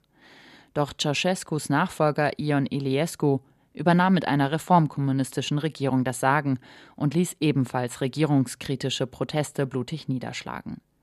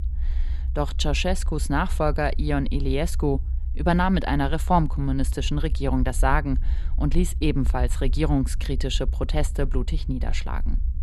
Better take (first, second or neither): first